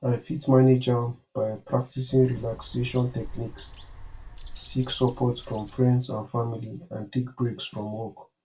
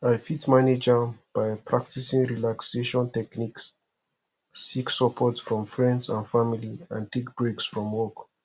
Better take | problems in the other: second | background sound (Bird); 15 dB below the speech // room echo; dies away in 0.1 s

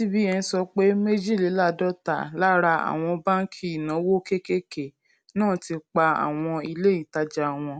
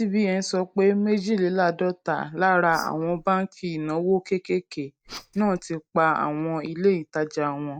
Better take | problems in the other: first | noise reduction (neural mask model DeepFilterNet 3)

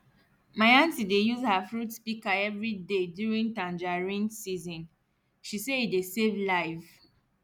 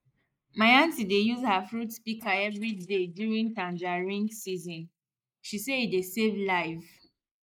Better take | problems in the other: first | noise reduction (neural mask model Resemble Enhance denoiser)

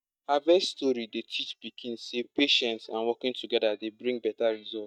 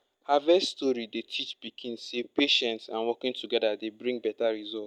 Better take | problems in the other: second | noise reduction (neural mask model DeepFilterNet 3)

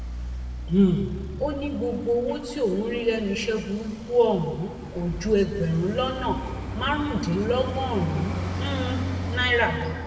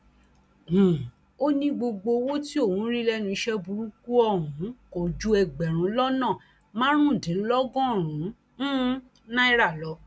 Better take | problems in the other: second | background sound (Traffic noise, roadway noise); 7 dB below the speech // room echo; dies away in 1.5 s

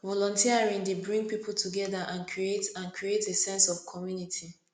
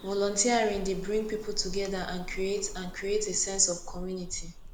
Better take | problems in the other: first | background sound (Bird vocalization, bird call, bird song); 9 dB below the speech

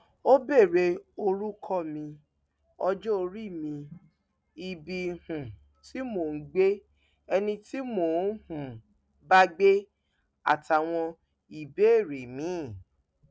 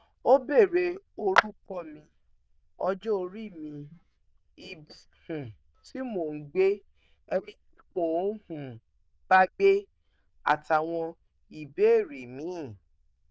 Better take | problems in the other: first | noise reduction (neural diffusion model UNIVERSE++)

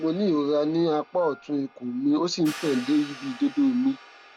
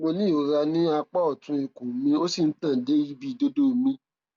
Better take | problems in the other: second | background sound (Hi-hat + Wind instrument, woodwind instrument); 19 dB below the speech

